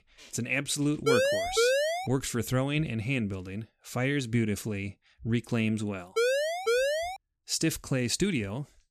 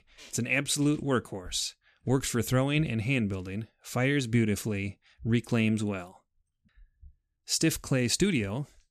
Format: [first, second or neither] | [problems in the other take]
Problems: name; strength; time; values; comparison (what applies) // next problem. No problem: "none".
second | siren; loud; from 1 to 2 s and from 6 to 7 s; peak 5 dB above the speech